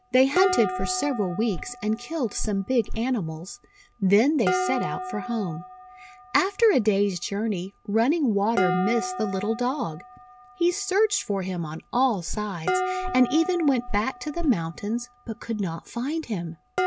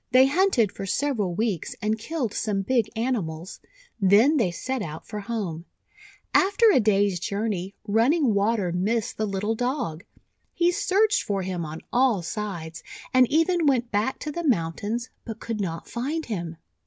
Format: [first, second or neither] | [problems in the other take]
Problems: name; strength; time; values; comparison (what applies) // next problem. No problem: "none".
second | background sound (Walk, footsteps + Dishes, pots, and pans); 7 dB below the speech